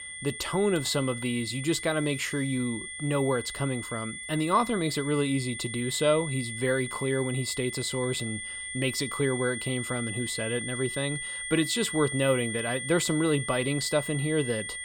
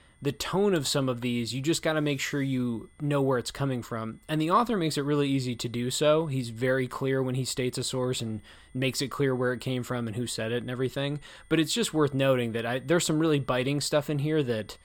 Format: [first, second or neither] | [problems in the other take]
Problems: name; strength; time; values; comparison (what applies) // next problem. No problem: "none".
second | high-pitched whine; loud; throughout; 2 kHz, 6 dB below the speech; faint in the second